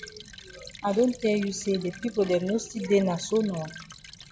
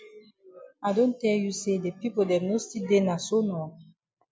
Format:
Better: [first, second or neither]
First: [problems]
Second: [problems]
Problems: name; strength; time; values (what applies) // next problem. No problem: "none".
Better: second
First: background sound (Stream / Trickle, dribble); 18 dB below the speech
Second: none